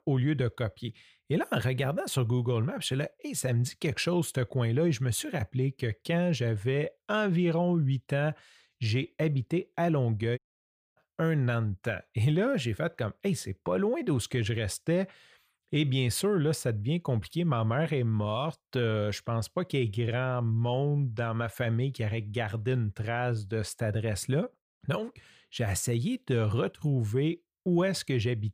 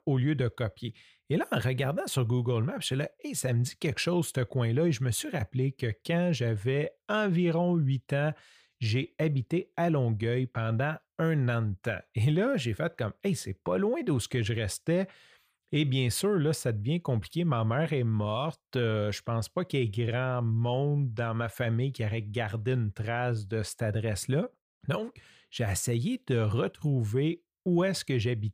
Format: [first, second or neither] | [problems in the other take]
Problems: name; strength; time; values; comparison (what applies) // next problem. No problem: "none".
second | audio cutting out; at 10 s for 0.5 s